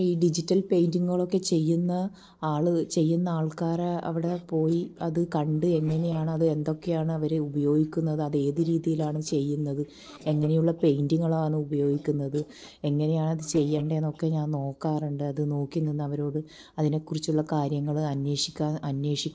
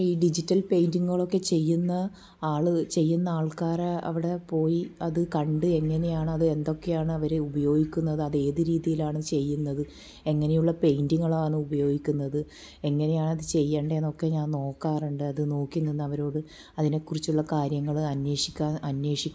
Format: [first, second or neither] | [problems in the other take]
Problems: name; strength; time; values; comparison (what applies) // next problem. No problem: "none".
second | noise reduction (neural separator model SepFormer DNS4)